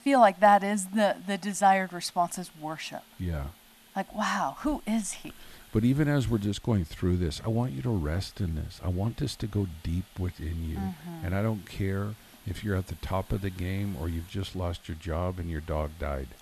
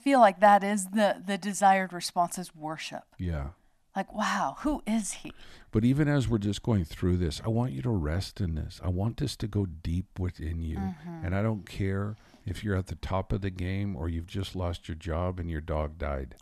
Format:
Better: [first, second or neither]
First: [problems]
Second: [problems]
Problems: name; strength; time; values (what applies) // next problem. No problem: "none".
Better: second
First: hiss; faint; throughout; 25 dB below the speech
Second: none